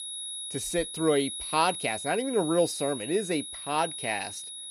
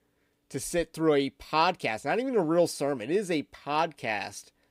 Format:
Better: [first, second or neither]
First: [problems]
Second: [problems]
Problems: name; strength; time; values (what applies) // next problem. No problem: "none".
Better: second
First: high-pitched whine; loud; throughout; 4 kHz, 6 dB below the speech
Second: none